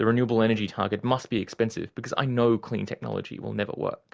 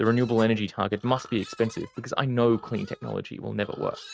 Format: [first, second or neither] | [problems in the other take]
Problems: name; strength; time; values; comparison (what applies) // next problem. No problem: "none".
first | noise reduction (neural mask model RNNoise)